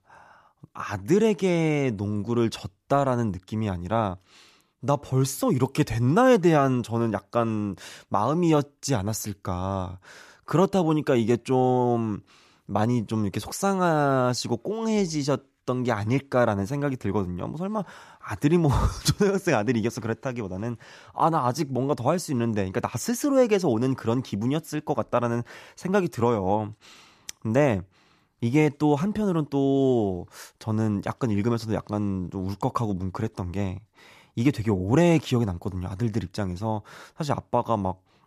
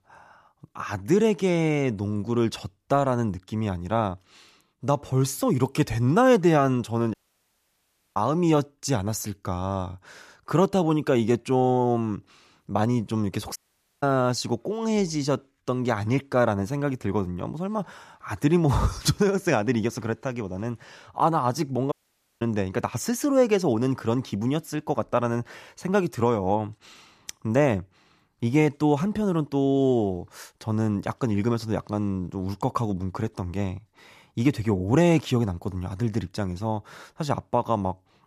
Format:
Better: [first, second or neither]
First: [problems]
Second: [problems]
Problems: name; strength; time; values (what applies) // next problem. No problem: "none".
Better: first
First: none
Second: audio cutting out; at 7 s for 1 s, at 14 s and at 22 s